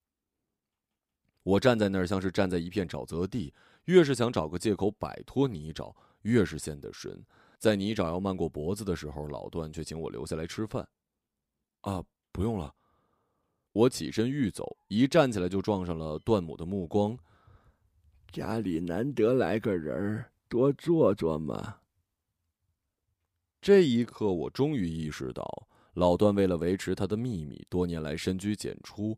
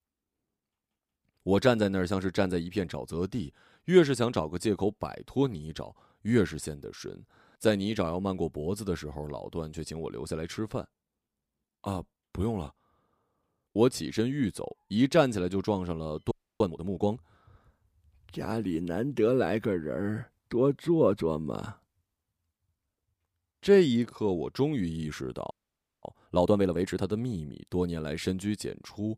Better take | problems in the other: first | audio freezing; at 16 s and at 26 s for 0.5 s

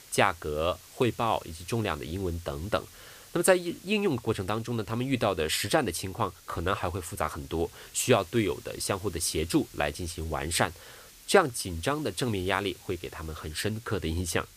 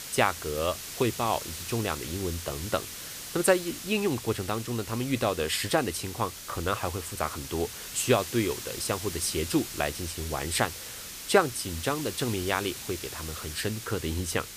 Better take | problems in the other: first | hiss; loud; throughout; 8 dB below the speech; faint in the first

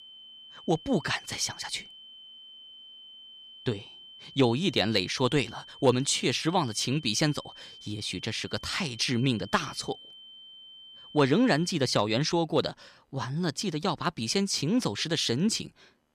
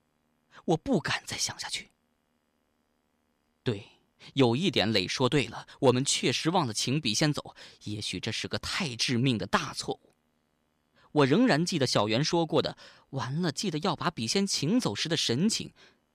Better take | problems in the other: second | high-pitched whine; noticeable; until 12 s; 3 kHz, 20 dB below the speech

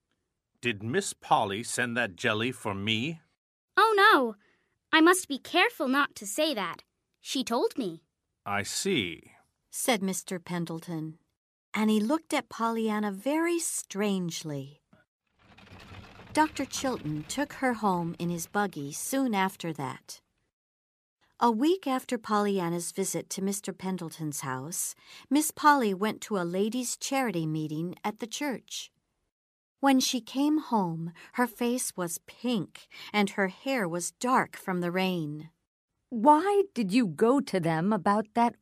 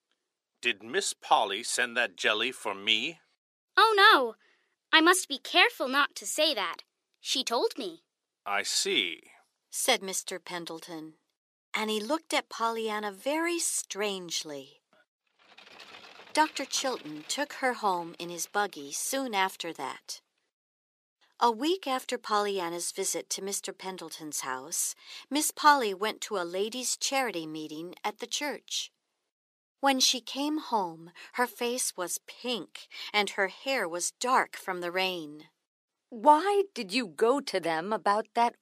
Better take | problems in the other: first | thin; somewhat; fading below 450 Hz

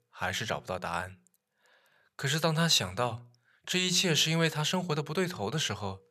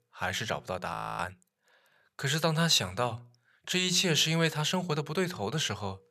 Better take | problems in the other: first | audio freezing; at 1 s

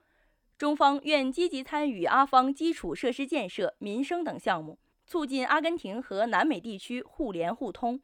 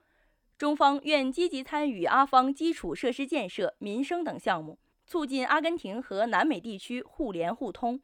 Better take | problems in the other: neither | none

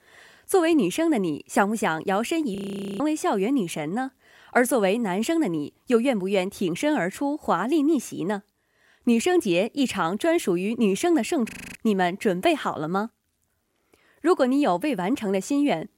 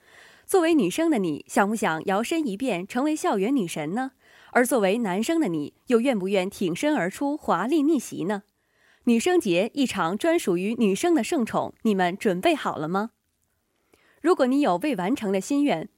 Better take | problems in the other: second | audio freezing; at 2.5 s and at 11 s

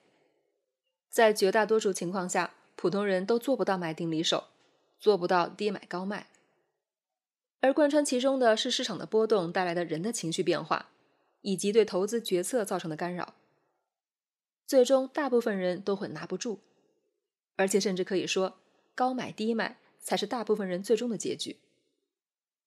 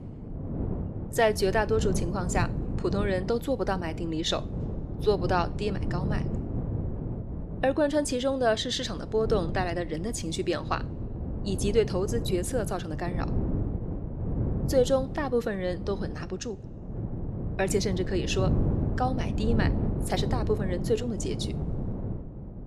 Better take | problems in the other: first | wind noise on the microphone; occasional gusts; 10 dB below the speech

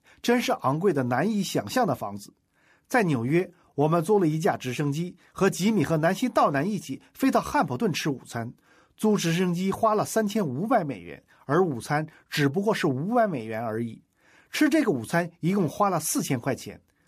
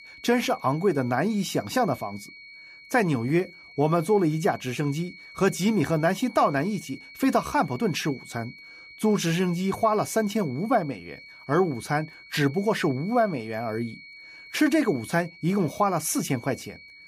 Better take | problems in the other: first | high-pitched whine; noticeable; throughout; 2 kHz, 20 dB below the speech

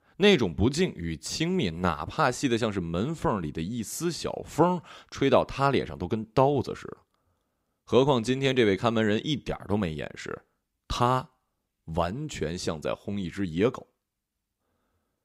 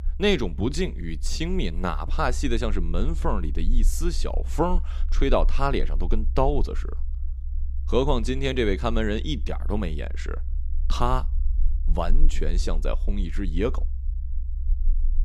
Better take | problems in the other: first | low rumble; faint; throughout; 25 dB below the speech

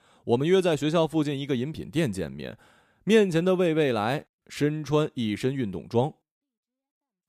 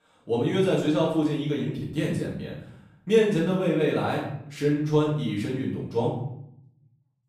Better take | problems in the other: first | off-mic speech; far // room echo; noticeable; dies away in 0.7 s

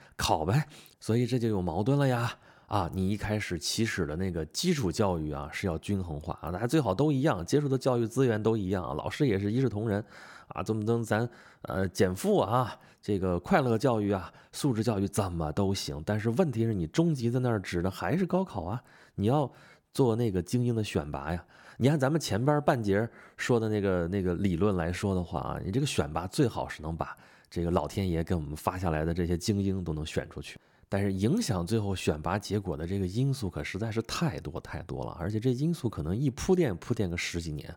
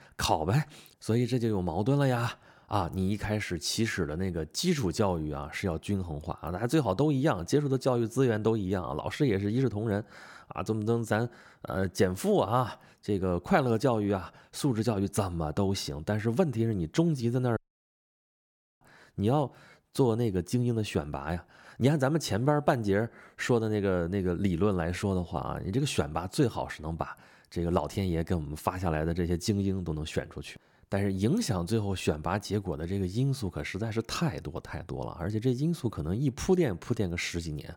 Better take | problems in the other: first | audio cutting out; at 18 s for 1 s

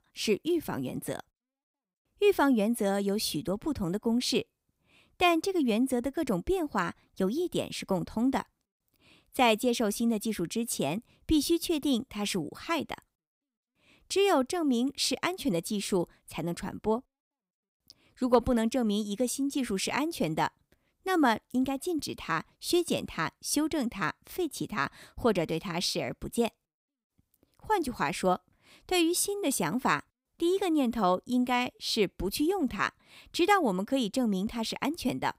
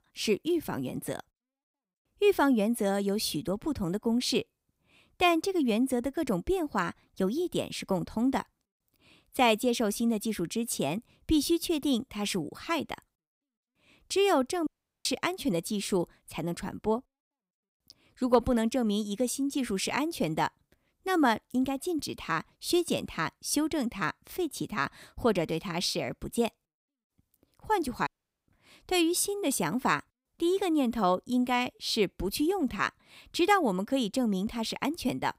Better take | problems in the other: first | audio cutting out; at 15 s and at 28 s

